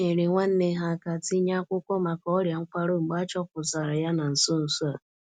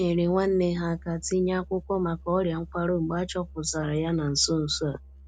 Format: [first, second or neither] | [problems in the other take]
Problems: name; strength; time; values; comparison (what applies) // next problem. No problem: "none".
first | background sound (Musical instrument); 19 dB below the speech